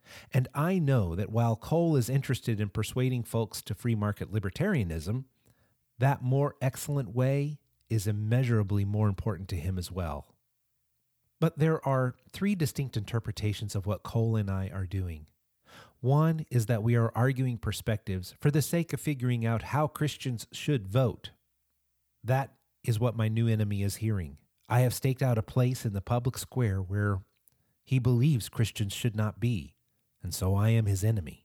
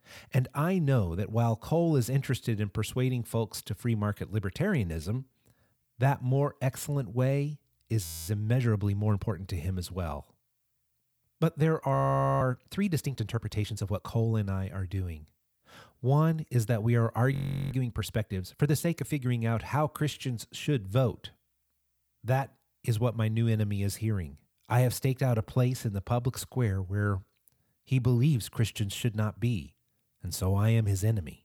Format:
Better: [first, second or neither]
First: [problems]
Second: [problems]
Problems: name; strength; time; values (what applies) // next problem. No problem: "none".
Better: first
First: none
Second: audio freezing; at 8 s, at 12 s and at 17 s